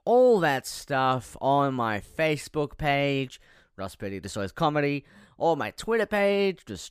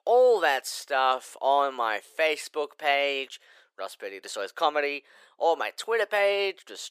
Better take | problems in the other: first | thin; very; fading below 450 Hz

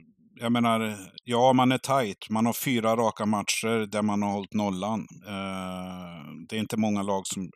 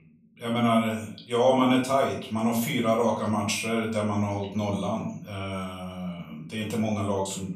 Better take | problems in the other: first | room echo; slight; dies away in 0.4 s // off-mic speech; far

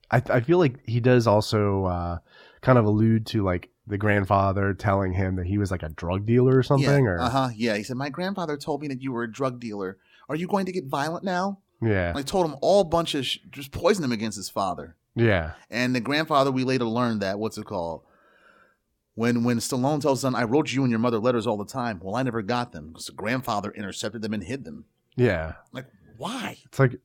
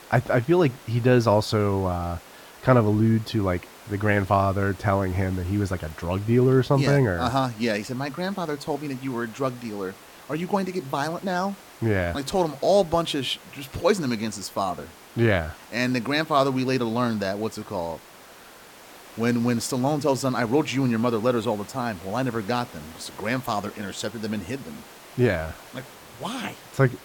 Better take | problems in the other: first | hiss; faint; throughout; 20 dB below the speech

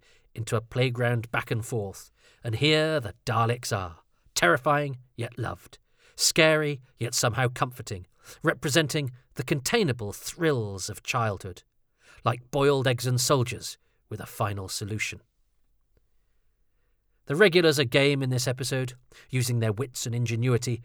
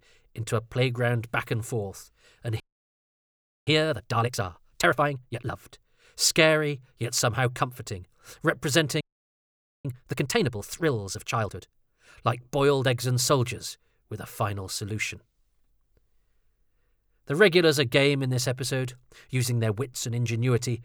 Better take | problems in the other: first | audio freezing; at 2.5 s for 1 s and at 9 s for 1 s

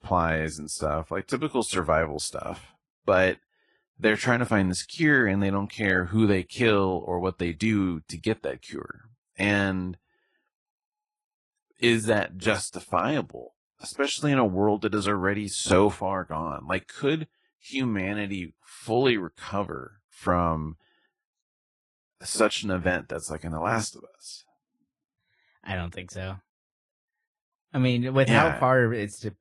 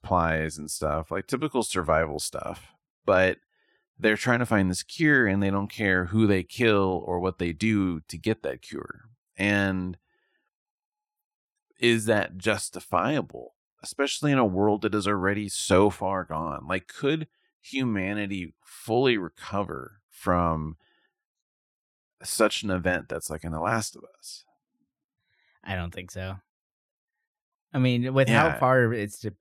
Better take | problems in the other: second | garbled, watery; slightly; nothing above 10.5 kHz

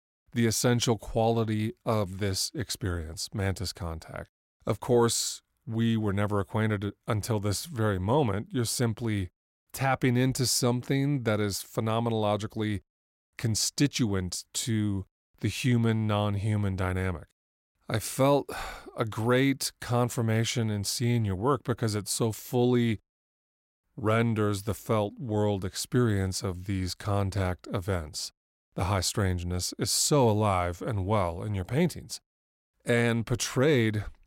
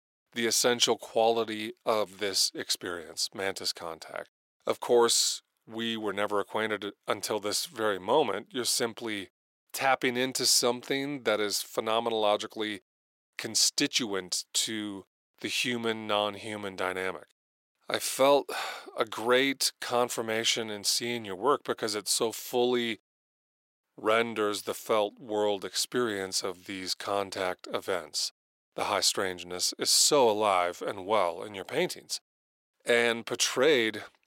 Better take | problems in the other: first | thin; somewhat; fading below 450 Hz

